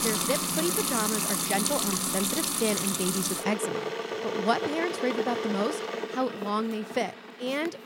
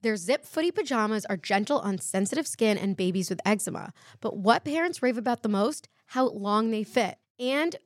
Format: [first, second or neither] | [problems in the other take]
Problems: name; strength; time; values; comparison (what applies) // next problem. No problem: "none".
second | household noises; very loud; throughout; 2 dB above the speech